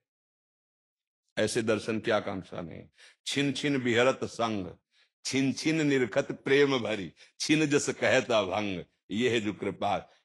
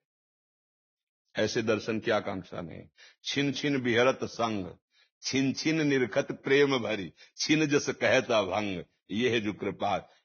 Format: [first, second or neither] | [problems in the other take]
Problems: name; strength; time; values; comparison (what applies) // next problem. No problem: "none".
first | garbled, watery; badly; nothing above 6.5 kHz; slightly in the first